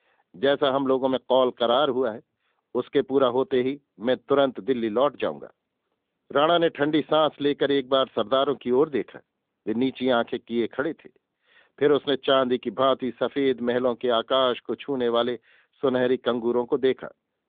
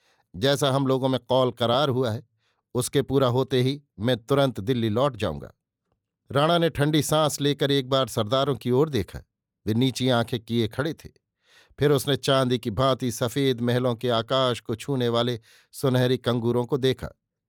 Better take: second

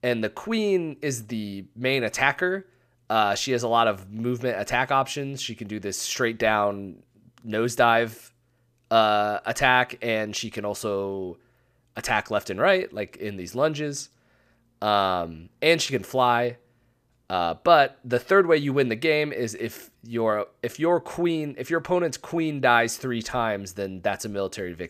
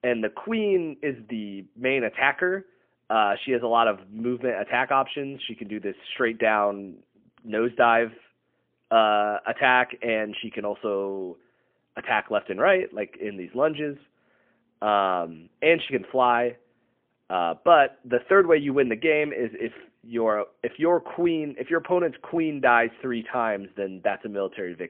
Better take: first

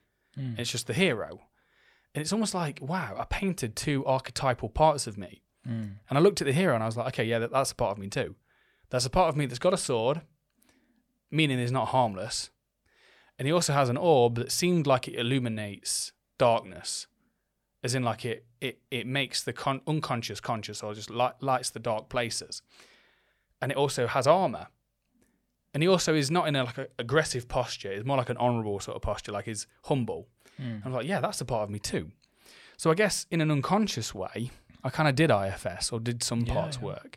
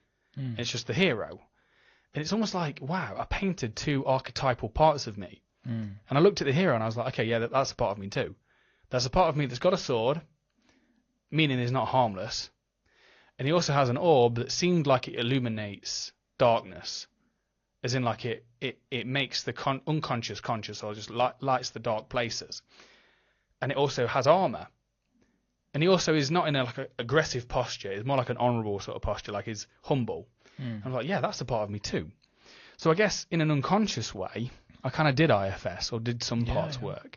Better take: first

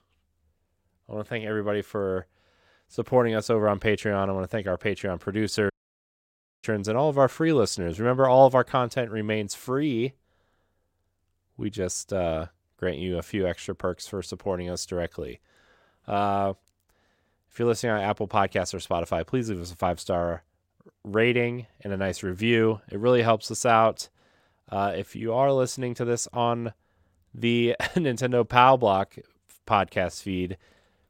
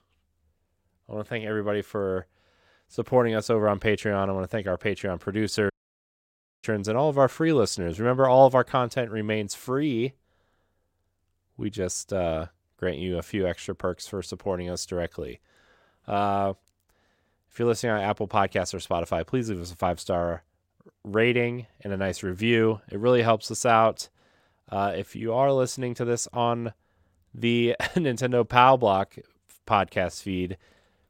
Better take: neither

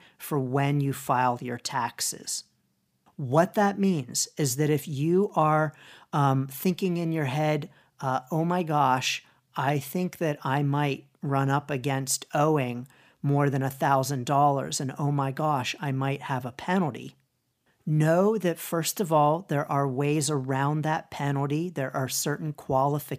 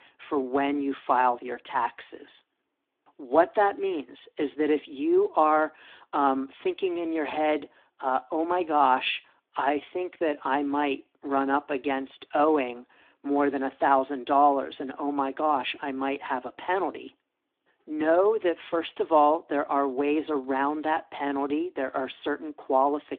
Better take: first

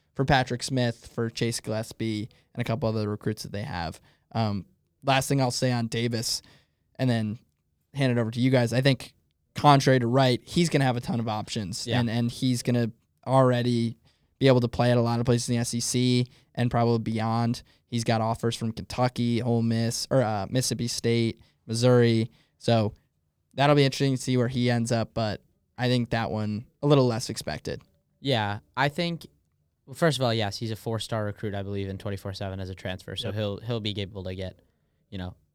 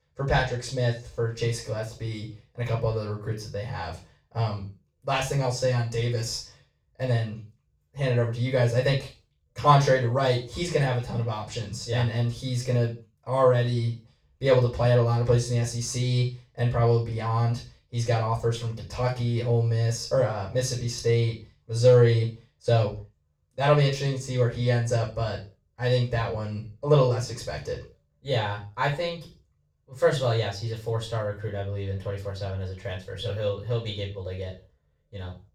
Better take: first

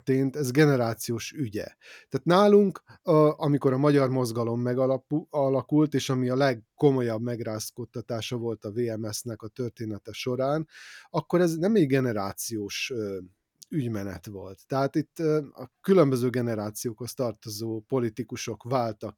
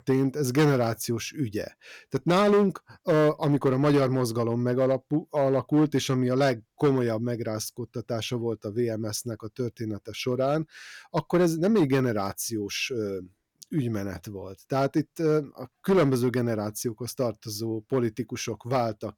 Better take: first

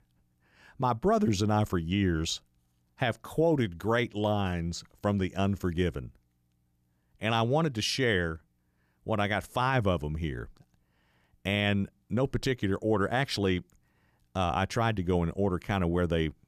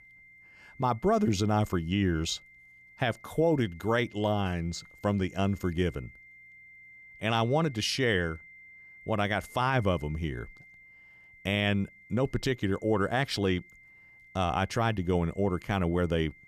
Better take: first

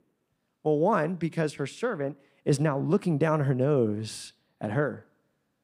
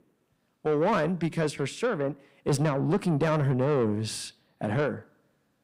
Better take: first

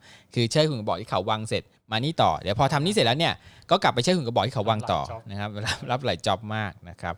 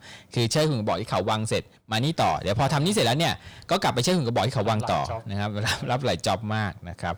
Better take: first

